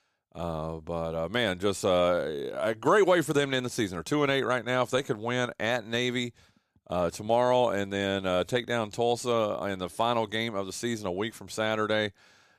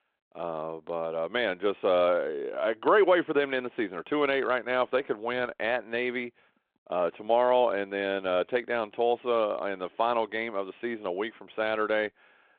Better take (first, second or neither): first